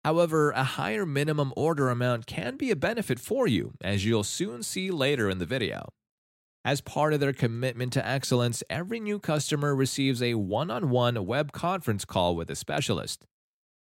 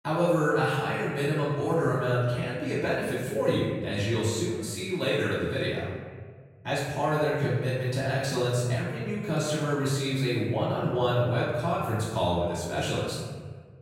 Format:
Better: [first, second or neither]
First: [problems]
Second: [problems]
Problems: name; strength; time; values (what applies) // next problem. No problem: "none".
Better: first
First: none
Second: off-mic speech; far // room echo; noticeable; dies away in 1.4 s